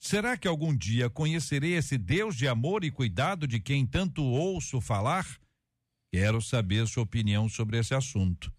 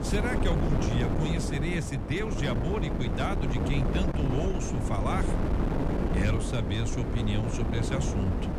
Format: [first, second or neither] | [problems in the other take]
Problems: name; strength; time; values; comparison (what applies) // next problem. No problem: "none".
first | wind noise on the microphone; heavy; as loud as the speech